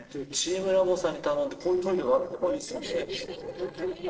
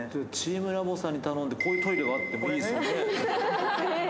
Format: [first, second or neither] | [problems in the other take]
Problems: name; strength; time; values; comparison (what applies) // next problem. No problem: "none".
second | noise reduction (neural separator model SepFormer DNS4)